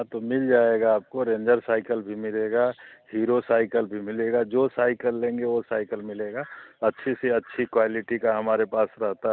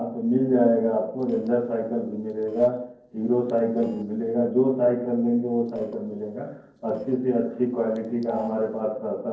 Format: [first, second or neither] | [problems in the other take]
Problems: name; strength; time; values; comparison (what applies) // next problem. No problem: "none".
first | noise reduction (neural separator model SepFormer DNS4)